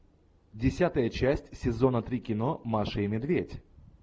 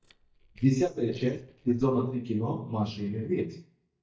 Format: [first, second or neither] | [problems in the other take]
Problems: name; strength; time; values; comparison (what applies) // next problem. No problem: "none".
first | noise reduction (neural mask model DeepFilterNet 3)